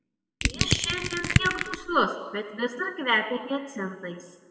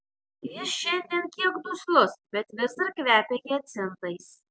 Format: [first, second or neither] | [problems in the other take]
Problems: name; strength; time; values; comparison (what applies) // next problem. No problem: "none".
second | background sound (Crushing); 2 dB above the speech // room echo; dies away in 1.5 s